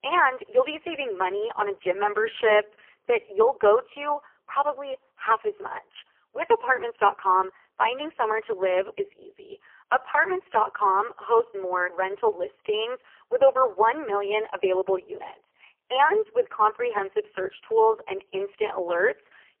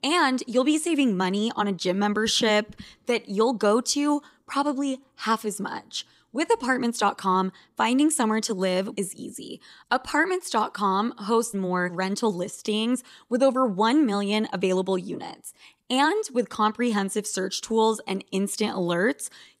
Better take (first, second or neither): second